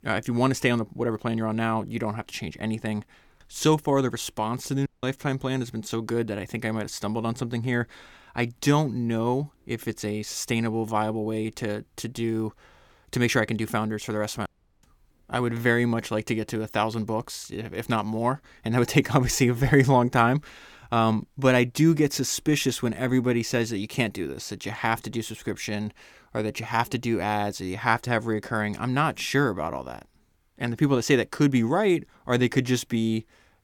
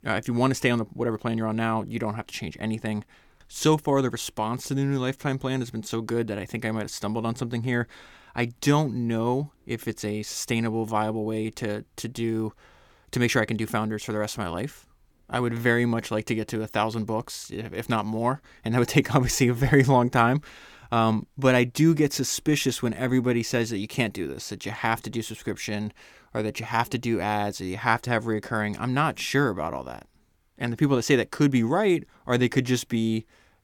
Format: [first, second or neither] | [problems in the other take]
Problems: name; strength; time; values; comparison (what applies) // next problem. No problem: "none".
second | audio cutting out; at 5 s and at 14 s